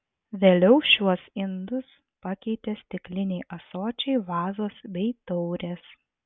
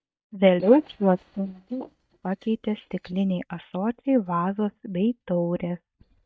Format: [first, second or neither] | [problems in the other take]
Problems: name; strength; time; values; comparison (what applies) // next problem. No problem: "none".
first | noise reduction (neural mask model DeepFilterNet 3)